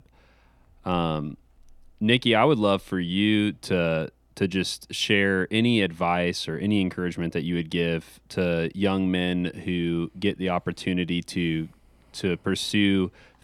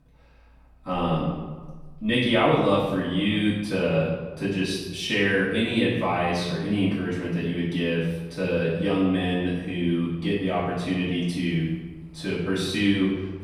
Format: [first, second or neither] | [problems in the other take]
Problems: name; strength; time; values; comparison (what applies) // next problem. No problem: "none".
first | off-mic speech; far // room echo; noticeable; dies away in 1.1 s